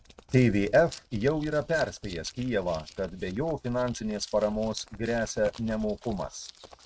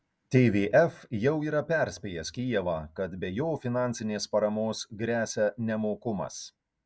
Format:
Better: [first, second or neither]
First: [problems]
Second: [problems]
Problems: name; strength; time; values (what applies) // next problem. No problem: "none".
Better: second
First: noise reduction (neural mask model RNNoise)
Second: none